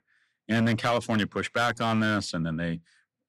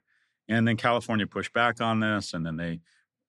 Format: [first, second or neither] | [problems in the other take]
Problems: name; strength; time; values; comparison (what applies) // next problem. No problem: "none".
second | distortion; slight; 6% of the sound clipped